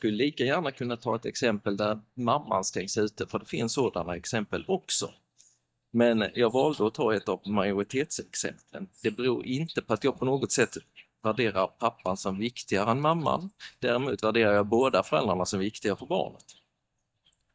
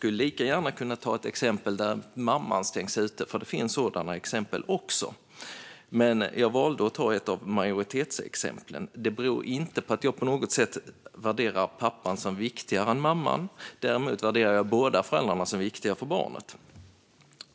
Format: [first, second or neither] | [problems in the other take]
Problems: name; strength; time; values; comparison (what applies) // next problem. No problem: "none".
second | noise reduction (neural mask model DeepFilterNet 3)